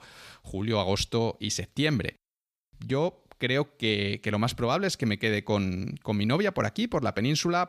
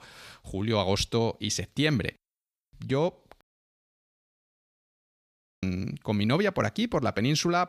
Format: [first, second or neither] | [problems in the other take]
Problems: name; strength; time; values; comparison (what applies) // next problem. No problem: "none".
first | audio cutting out; at 3.5 s for 2 s